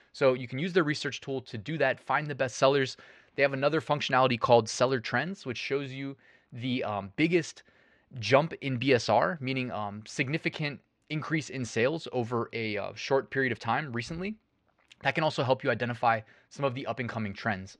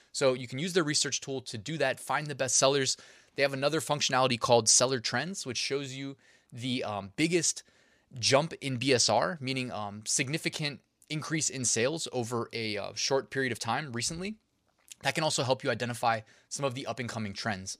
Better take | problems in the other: second | muffled; slightly; fading above 2.5 kHz

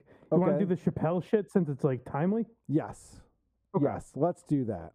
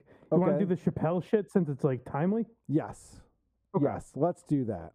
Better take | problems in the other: neither | muffled; very; fading above 1.5 kHz; the same in both

